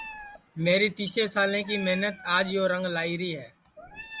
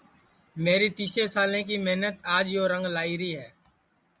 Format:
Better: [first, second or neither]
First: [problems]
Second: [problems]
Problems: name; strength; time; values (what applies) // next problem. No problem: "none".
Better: second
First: background sound (Meow); 17 dB below the speech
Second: none